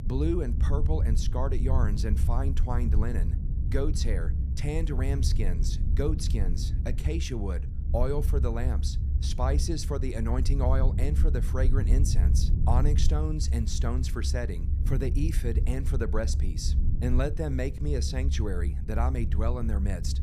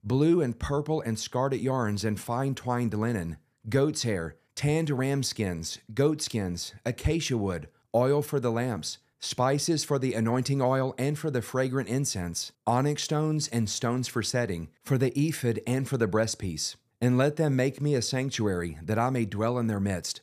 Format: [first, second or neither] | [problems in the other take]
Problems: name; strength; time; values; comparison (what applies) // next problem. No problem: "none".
second | low rumble; loud; throughout; 9 dB below the speech